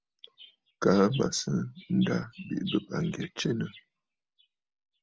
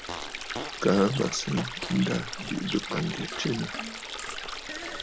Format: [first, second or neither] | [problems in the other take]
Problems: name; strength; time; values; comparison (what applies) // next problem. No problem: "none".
first | background sound (Stream + Fart); 6 dB below the speech